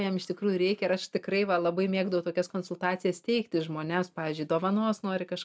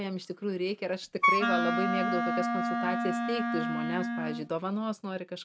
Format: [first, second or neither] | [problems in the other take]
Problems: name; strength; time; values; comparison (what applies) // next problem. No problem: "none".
first | background sound (Wind instrument, woodwind instrument); 4 dB above the speech